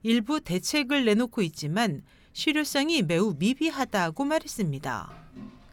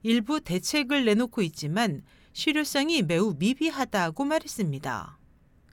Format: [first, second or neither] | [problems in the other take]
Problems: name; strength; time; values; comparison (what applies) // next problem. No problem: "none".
second | household noises; faint; throughout; 25 dB below the speech